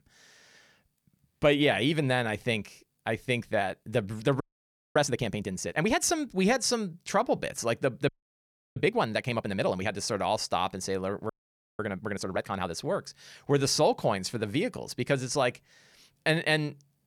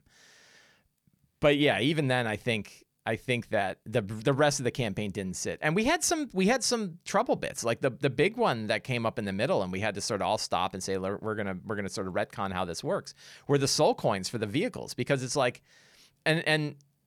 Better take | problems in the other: second | audio freezing; at 4.5 s for 0.5 s, at 8 s for 0.5 s and at 11 s for 0.5 s

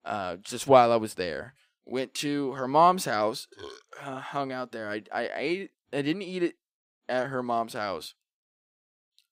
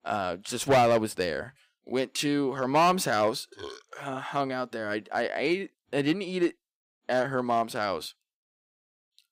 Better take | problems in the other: first | distortion; heavy; 2% of the sound clipped

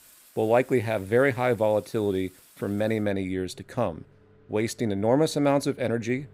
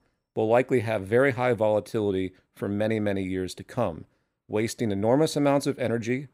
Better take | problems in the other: second | household noises; faint; throughout; 30 dB below the speech

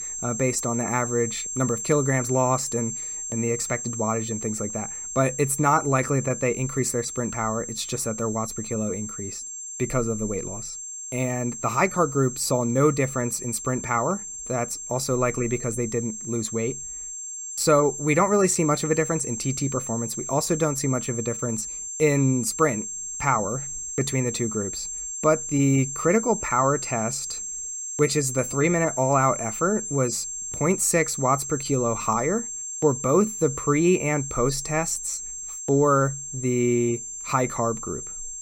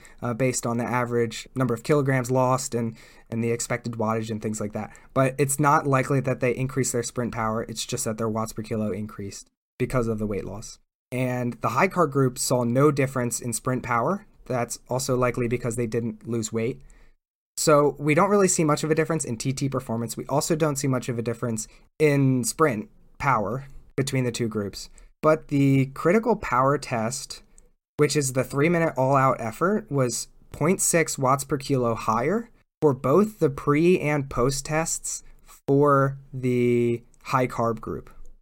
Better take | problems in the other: second | high-pitched whine; loud; throughout; 7.5 kHz, 6 dB below the speech

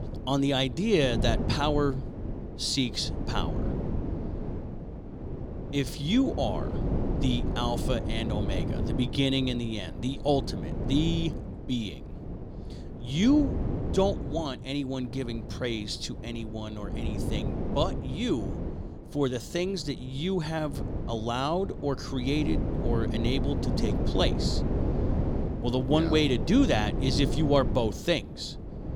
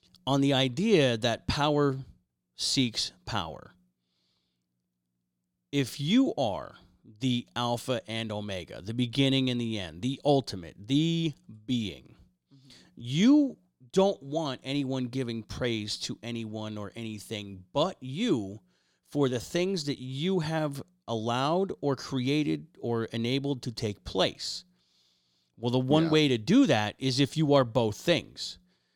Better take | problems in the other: second | wind noise on the microphone; heavy; 9 dB below the speech

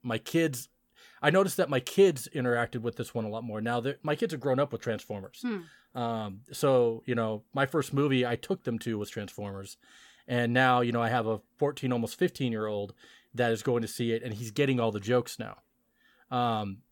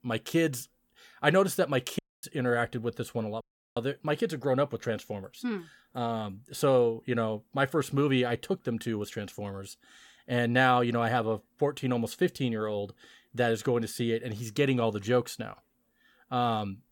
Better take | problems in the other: first | audio cutting out; at 2 s and at 3.5 s

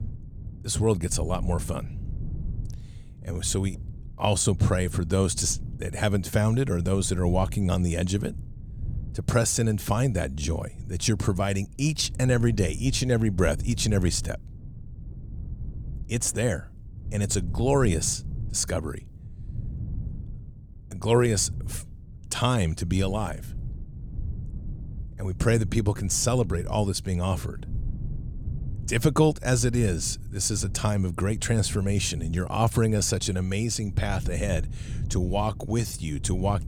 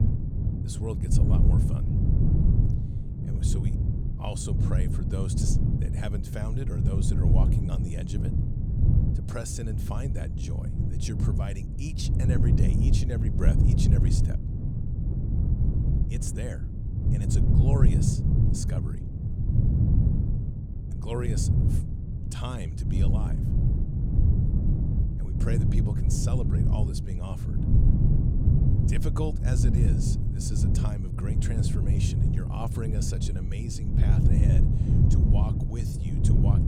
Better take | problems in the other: first | wind noise on the microphone; heavy; 2 dB above the speech; occasional gusts in the first

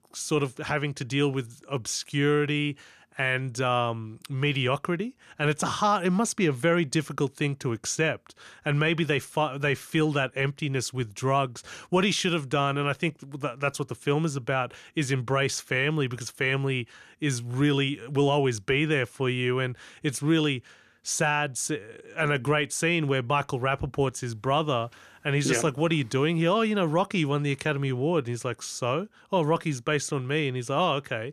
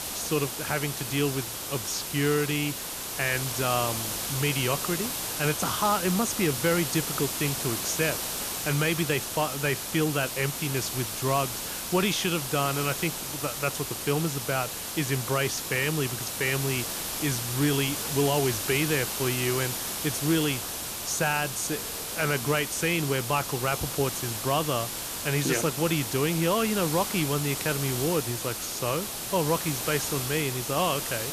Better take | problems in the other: first | hiss; loud; throughout; 3 dB below the speech

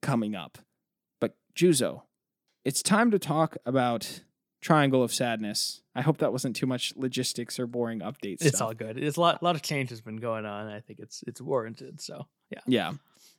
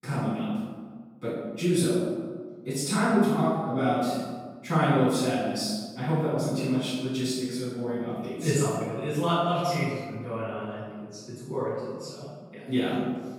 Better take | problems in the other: first | room echo; strong; dies away in 1.4 s // off-mic speech; far

